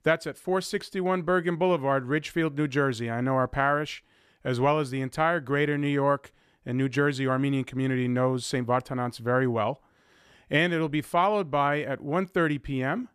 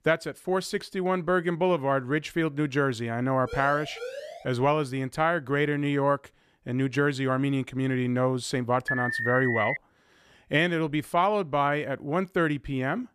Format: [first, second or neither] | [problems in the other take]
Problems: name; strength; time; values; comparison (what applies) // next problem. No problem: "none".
first | siren; faint; at 3.5 s; peak 10 dB below the speech // alarm; noticeable; at 9 s; peak 1 dB below the speech